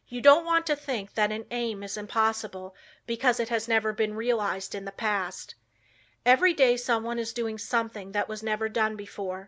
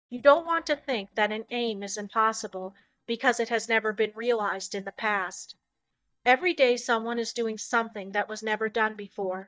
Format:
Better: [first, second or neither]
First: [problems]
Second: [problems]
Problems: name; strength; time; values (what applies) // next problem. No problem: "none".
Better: first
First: none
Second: noise reduction (neural mask model DeepFilterNet 3)